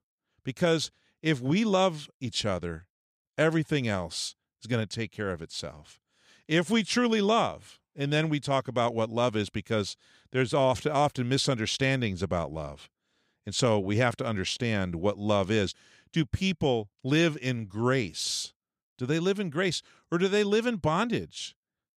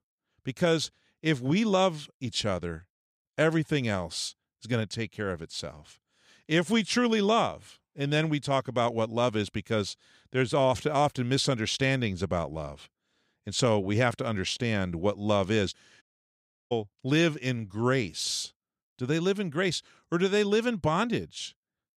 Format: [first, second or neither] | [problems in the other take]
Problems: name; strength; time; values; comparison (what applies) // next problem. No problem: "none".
first | audio cutting out; at 16 s for 0.5 s